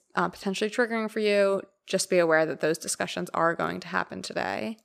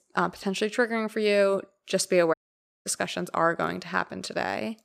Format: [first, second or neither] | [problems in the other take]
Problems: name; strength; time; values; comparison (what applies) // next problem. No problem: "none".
first | audio cutting out; at 2.5 s for 0.5 s